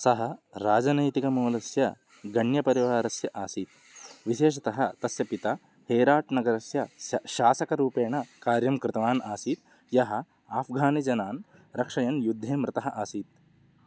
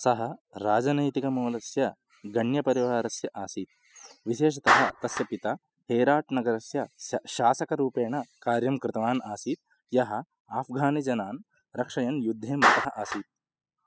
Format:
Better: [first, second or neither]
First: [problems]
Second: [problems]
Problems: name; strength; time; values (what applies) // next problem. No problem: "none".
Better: first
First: none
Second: noise reduction (classical method spectral subtraction)